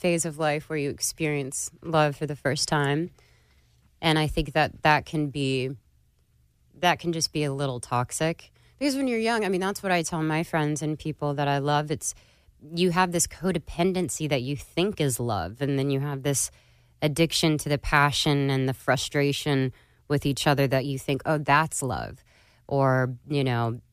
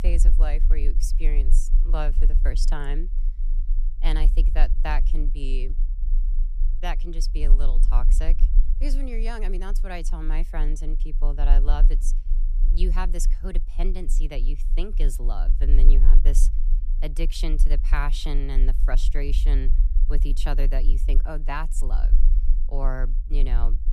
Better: first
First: none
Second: low rumble; noticeable; throughout; 15 dB below the speech

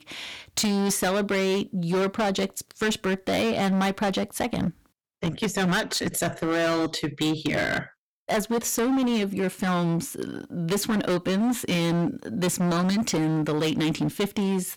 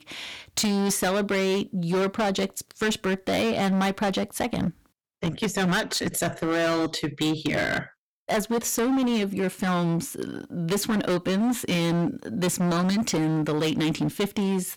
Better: neither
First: distortion; heavy; 21% of the sound clipped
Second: distortion; heavy; 21% of the sound clipped

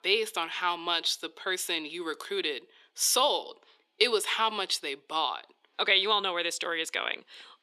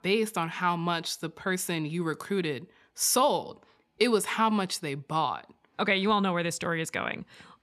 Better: second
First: thin; very; fading below 350 Hz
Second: none

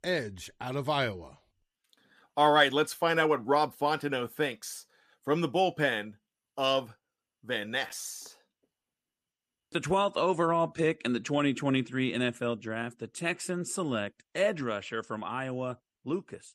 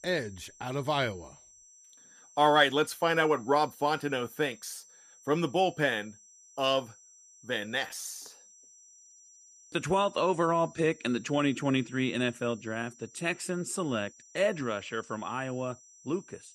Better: first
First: none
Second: high-pitched whine; faint; throughout; 6 kHz, 25 dB below the speech

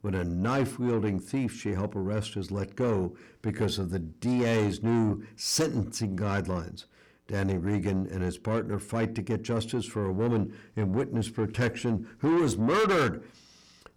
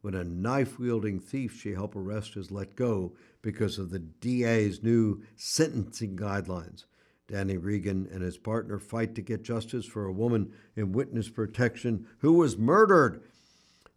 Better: second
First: distortion; heavy; 6 dB below the speech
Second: none

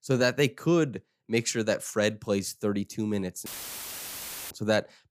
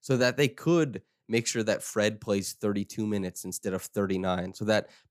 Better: second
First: audio cutting out; filled with static; at 3.5 s for 1 s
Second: none

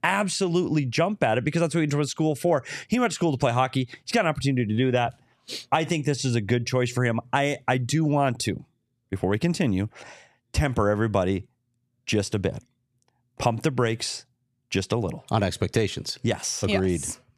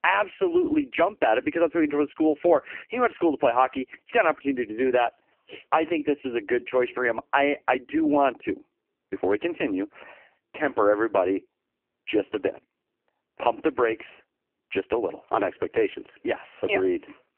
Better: first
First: none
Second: phone-call audio; poor line; nothing above 3 kHz

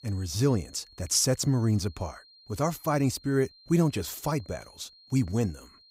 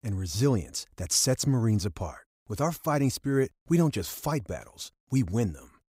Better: second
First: high-pitched whine; faint; throughout; 4 kHz, 25 dB below the speech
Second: none

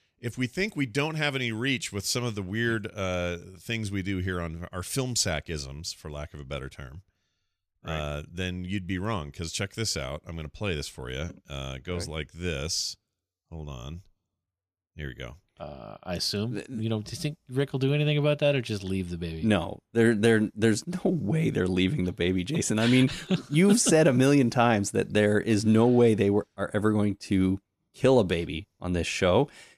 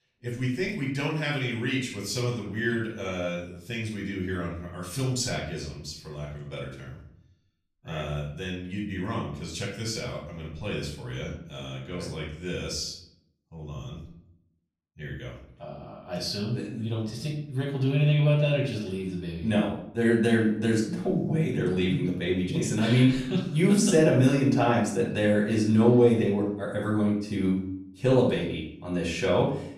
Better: first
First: none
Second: off-mic speech; far // room echo; noticeable; dies away in 0.5 s

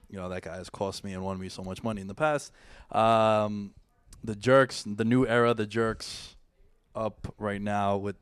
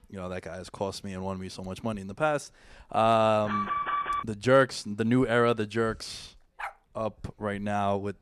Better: first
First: none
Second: alarm; noticeable; at 3.5 s; peak 1 dB below the speech // dog barking; faint; at 6.5 s; peak 10 dB below the speech

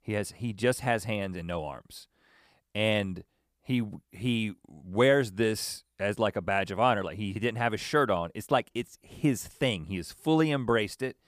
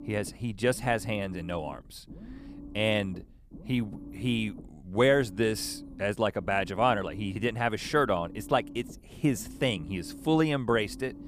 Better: first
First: none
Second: low rumble; faint; throughout; 20 dB below the speech

